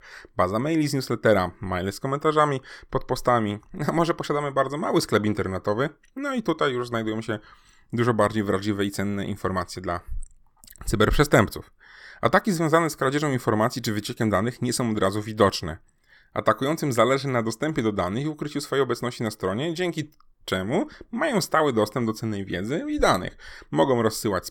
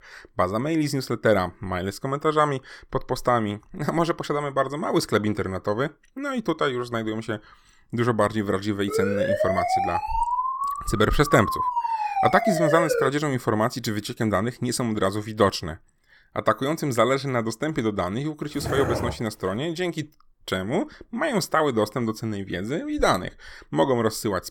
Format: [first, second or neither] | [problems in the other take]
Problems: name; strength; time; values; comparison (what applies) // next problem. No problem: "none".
first | siren; loud; from 9 to 13 s; peak 2 dB above the speech // dog barking; noticeable; at 19 s; peak 2 dB below the speech